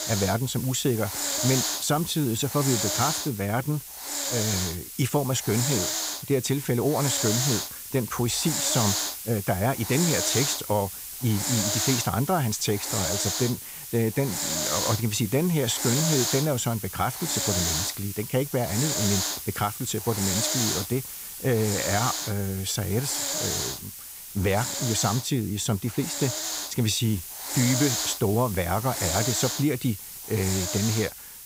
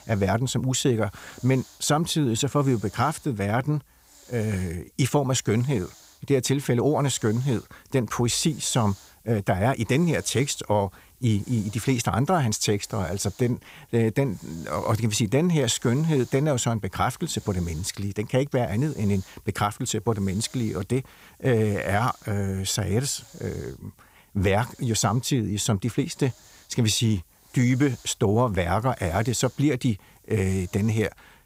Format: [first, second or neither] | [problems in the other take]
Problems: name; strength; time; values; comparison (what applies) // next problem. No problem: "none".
second | hiss; loud; throughout; 1 dB below the speech; faint in the second